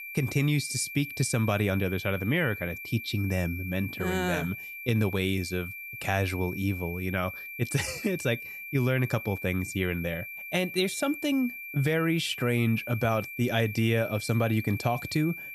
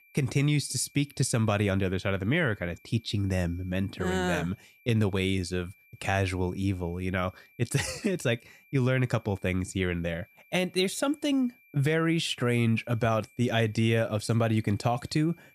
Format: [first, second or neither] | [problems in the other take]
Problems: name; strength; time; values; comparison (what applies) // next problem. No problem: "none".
second | high-pitched whine; loud; throughout; 2.5 kHz, 9 dB below the speech; faint in the second